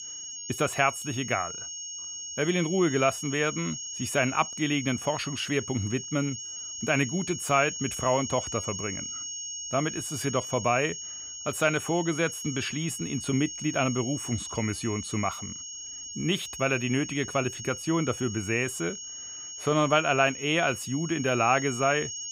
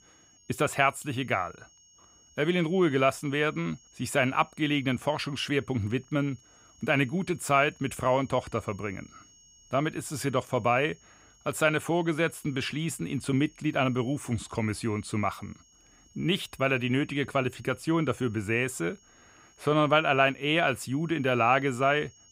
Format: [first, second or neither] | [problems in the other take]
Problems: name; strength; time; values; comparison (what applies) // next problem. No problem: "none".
second | high-pitched whine; loud; throughout; 6.5 kHz, 7 dB below the speech; faint in the second